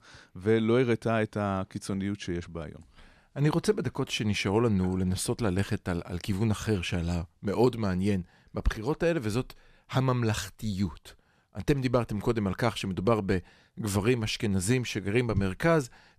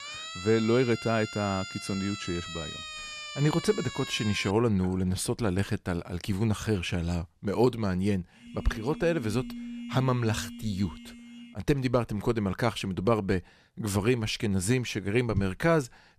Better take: first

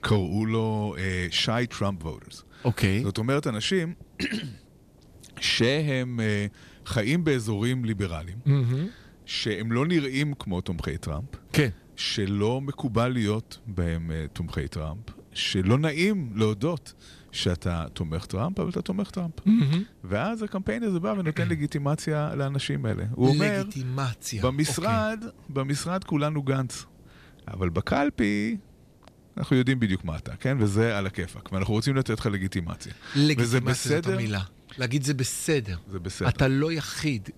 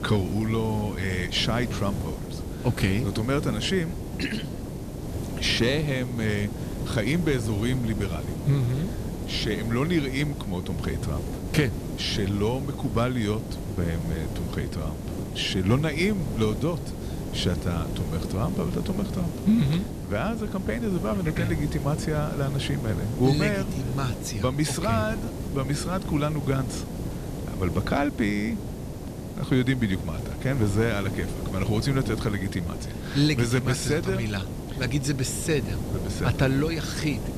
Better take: first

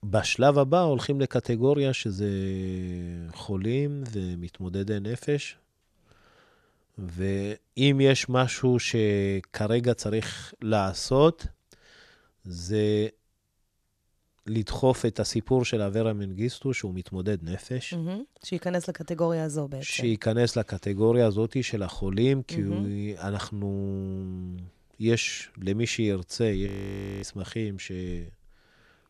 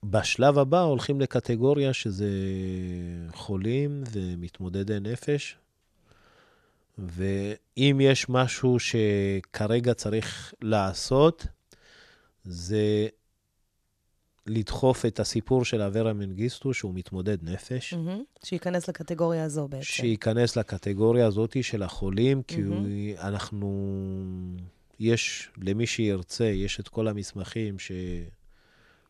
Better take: second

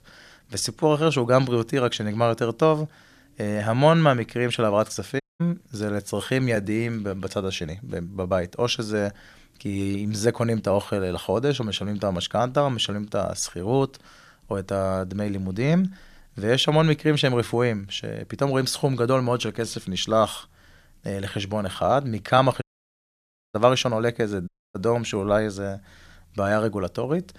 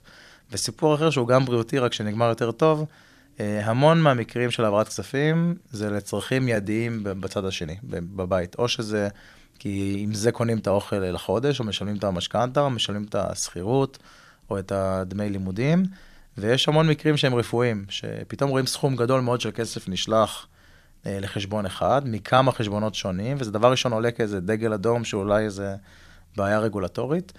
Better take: second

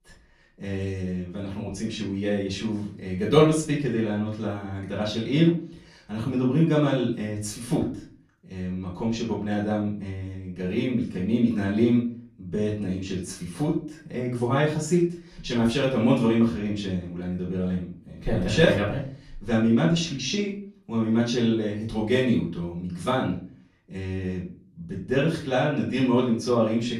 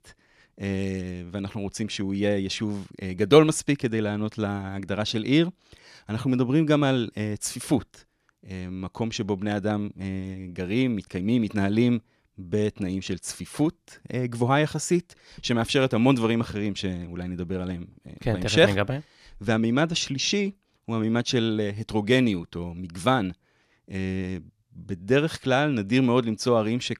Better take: second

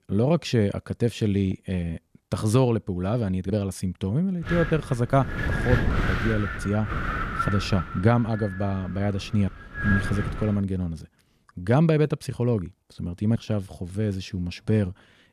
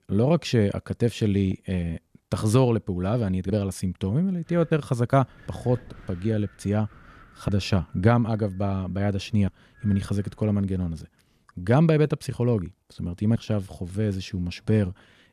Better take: second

